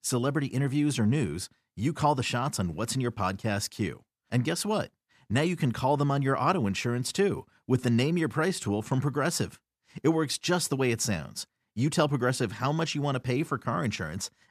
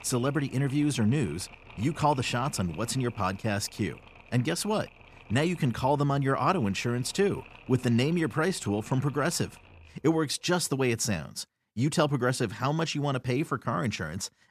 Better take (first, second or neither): first